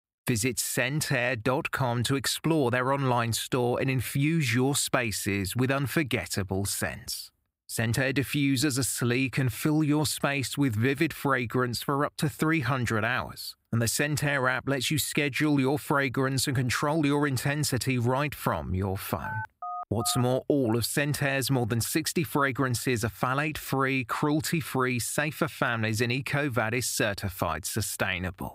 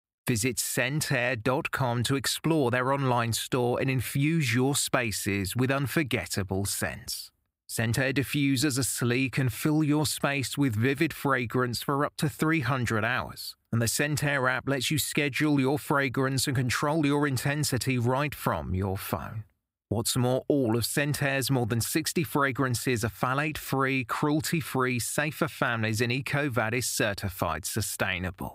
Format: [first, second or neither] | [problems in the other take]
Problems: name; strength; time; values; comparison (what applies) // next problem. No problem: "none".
second | phone ringing; noticeable; at 19 s; peak 9 dB below the speech